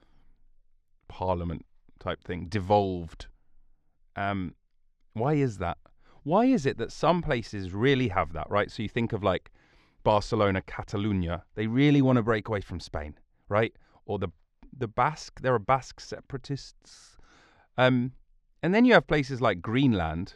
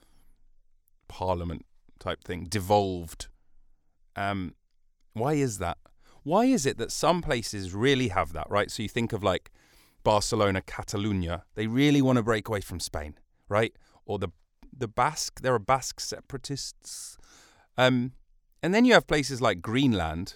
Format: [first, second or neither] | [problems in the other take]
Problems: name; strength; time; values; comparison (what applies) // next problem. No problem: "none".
second | muffled; slightly; fading above 3 kHz